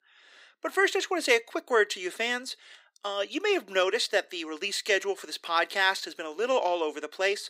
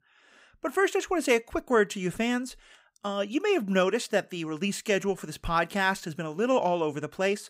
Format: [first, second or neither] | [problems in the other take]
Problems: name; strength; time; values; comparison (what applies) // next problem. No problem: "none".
second | thin; somewhat; fading below 300 Hz